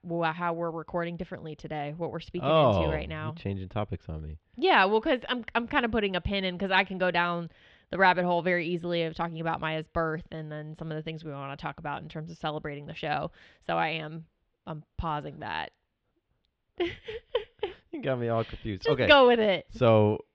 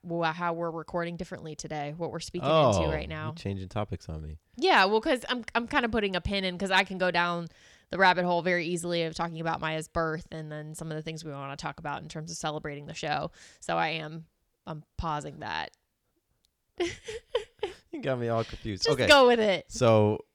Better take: second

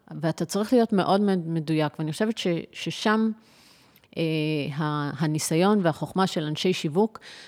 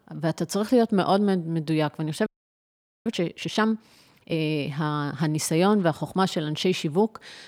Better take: first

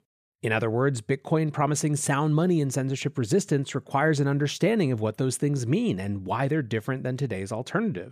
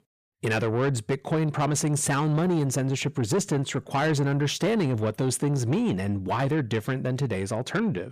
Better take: first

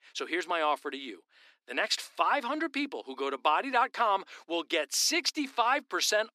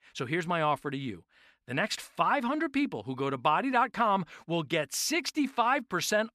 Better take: second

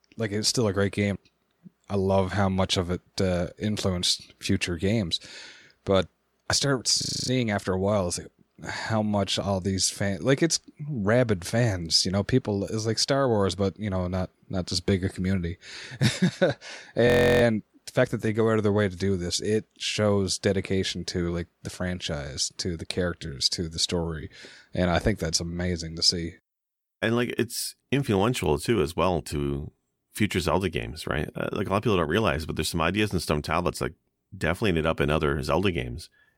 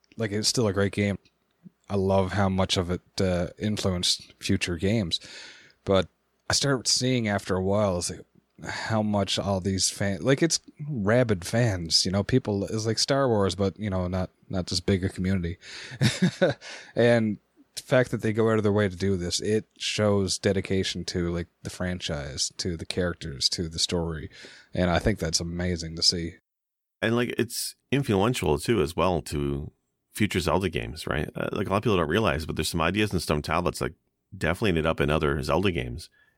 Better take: second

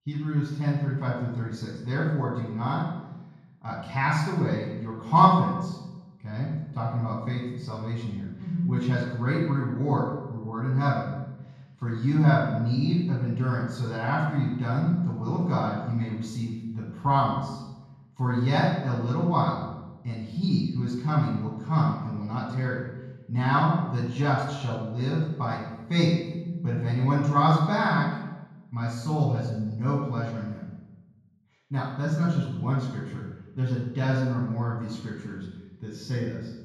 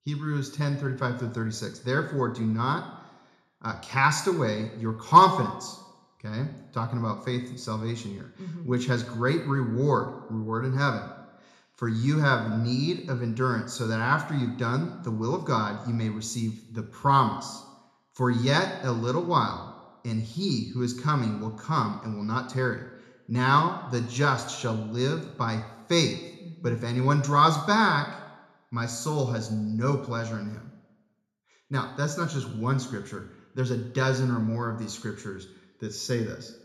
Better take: second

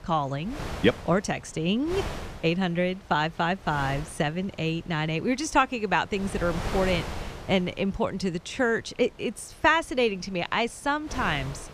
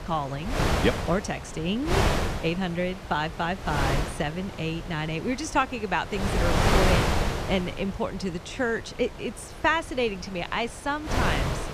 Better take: first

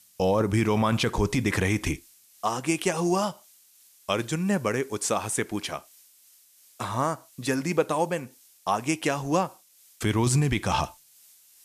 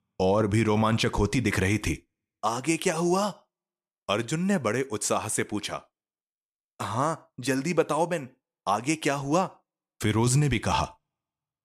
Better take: second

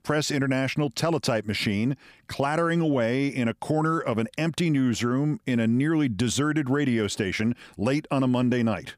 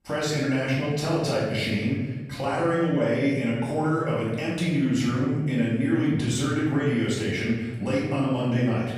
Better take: first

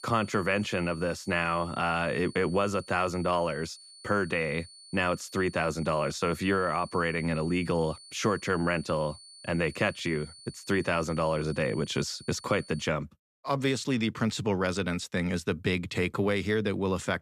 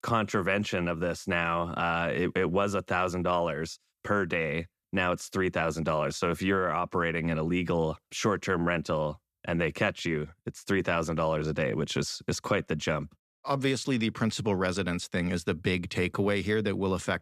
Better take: second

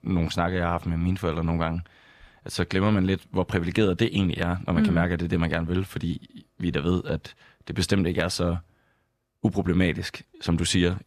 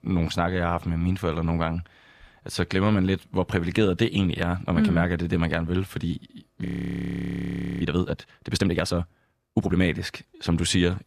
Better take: first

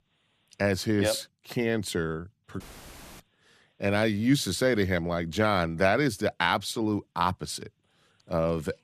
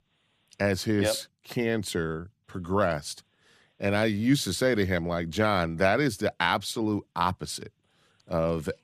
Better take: second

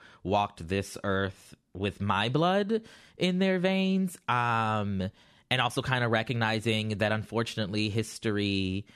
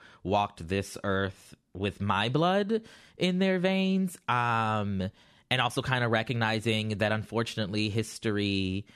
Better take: neither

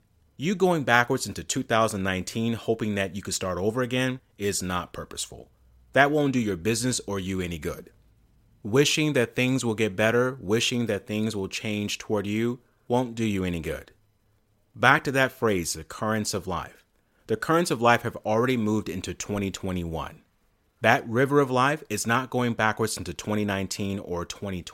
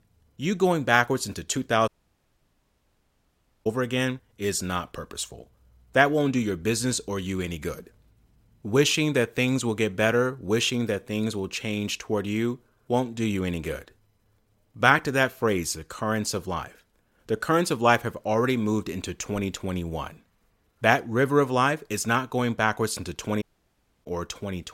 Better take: first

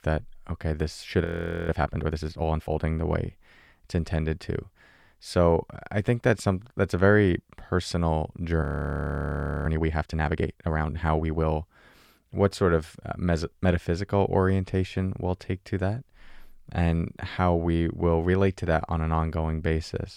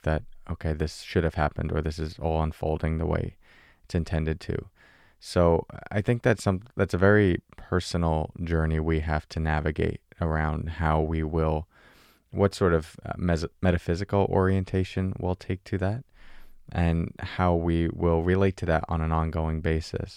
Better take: second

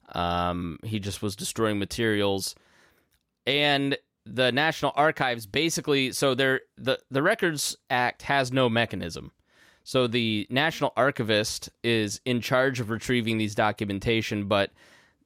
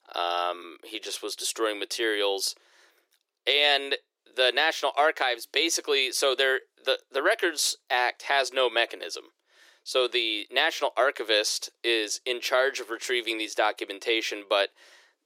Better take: first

